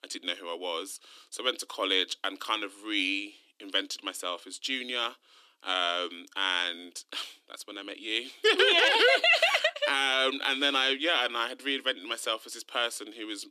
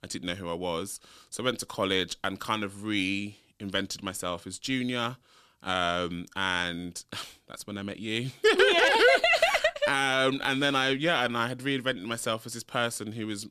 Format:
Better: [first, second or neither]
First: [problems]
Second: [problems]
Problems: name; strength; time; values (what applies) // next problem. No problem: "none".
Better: second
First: thin; very slightly; fading below 300 Hz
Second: none